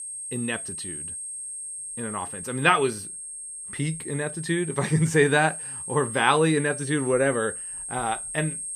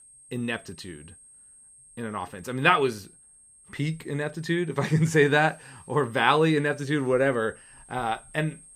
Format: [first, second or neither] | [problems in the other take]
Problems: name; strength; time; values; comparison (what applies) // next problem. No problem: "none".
second | high-pitched whine; loud; throughout; 8.5 kHz, 8 dB below the speech; faint in the second